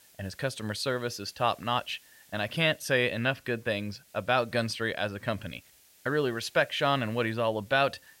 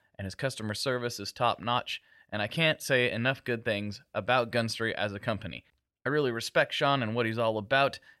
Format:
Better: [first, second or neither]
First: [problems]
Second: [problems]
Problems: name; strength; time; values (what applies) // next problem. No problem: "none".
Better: second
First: hiss; faint; throughout; 25 dB below the speech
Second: none